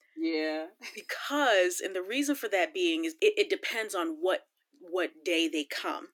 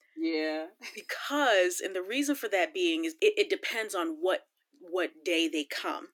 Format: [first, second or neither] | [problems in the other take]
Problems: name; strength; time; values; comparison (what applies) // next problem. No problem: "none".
neither | thin; somewhat; fading below 300 Hz; the same in both